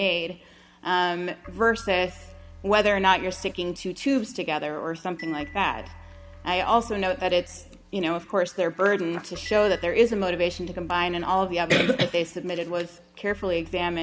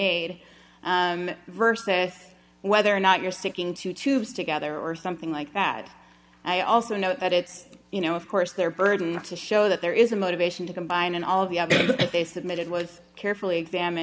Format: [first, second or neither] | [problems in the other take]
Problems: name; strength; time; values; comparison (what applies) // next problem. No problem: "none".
second | background sound (Glockenspiel + Keyboard (musical)); 20 dB below the speech